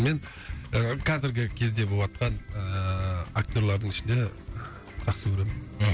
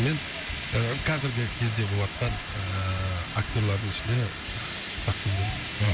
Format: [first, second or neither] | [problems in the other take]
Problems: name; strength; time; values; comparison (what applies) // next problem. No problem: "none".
first | background sound (Fire); 8 dB below the speech